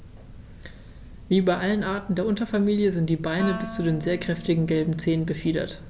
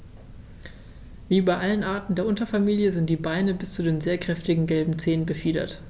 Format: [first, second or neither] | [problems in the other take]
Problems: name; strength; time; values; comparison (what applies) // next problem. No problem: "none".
second | background sound (Wind instrument, woodwind instrument); 14 dB below the speech